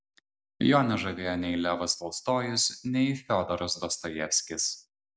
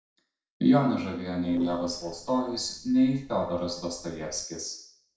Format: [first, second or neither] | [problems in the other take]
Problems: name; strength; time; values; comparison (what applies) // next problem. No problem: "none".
first | noise reduction (neural separator model SepFormer DNS4)